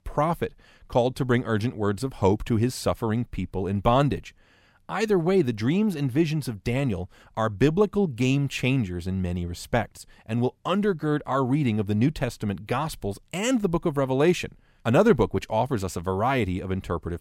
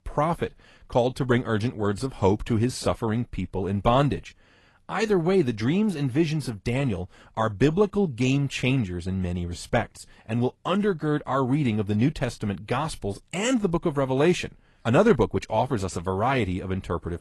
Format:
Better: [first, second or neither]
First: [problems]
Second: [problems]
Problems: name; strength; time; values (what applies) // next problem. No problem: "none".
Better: first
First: none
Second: garbled, watery; slightly; nothing above 11.5 kHz